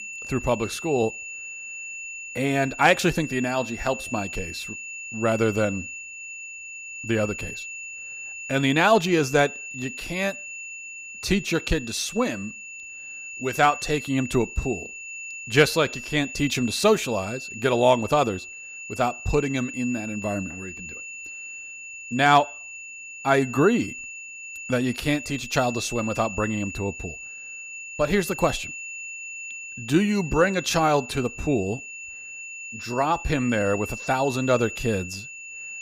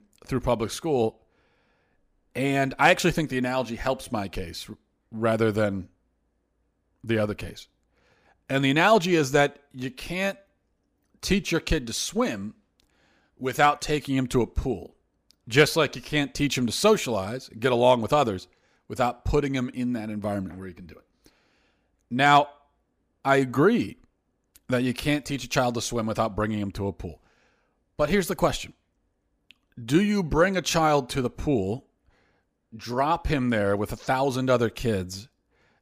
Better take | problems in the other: second | high-pitched whine; noticeable; throughout; 2.5 kHz, 10 dB below the speech

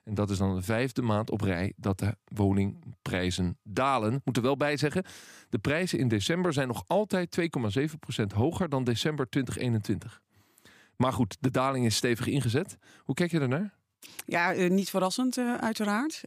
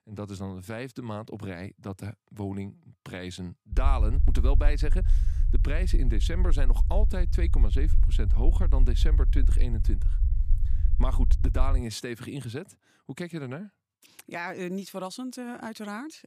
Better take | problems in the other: first | low rumble; noticeable; from 3.5 to 12 s; 10 dB below the speech

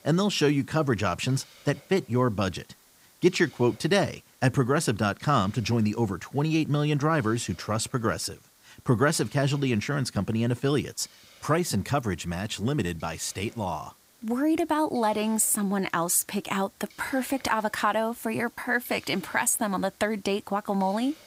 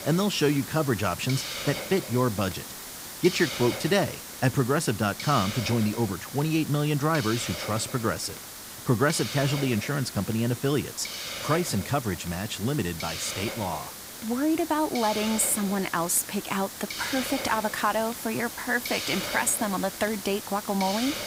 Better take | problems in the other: first | hiss; loud; throughout; 8 dB below the speech; faint in the first

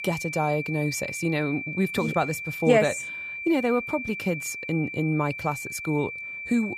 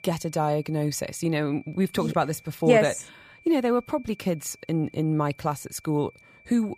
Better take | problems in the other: second | high-pitched whine; loud; throughout; 2.5 kHz, 6 dB below the speech; faint in the second

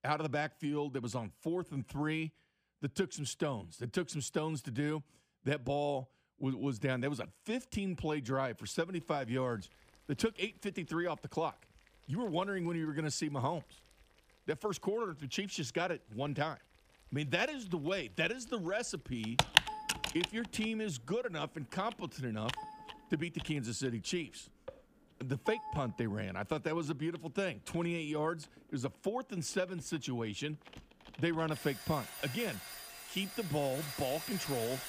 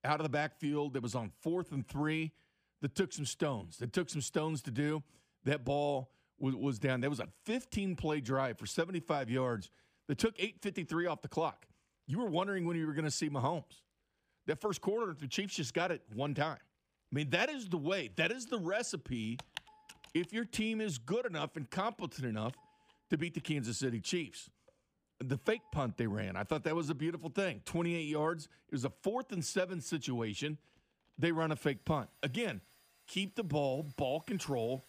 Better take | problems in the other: second | household noises; loud; from 9 s on; 1 dB below the speech; faint in the second

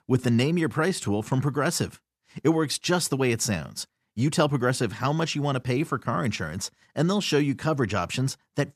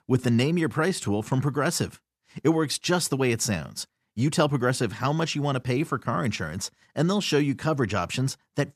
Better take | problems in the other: neither | none

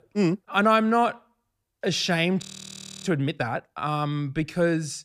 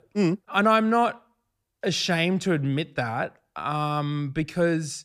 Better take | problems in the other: second | audio freezing; at 2.5 s for 0.5 s

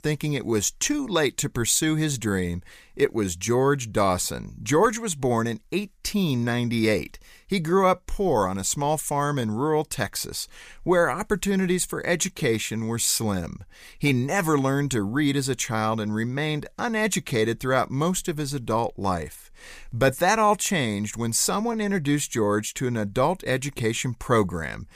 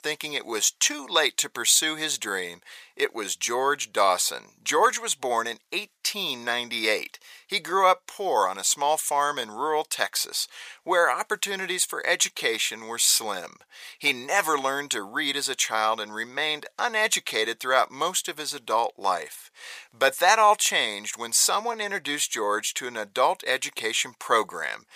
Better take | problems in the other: first | thin; very; fading below 700 Hz

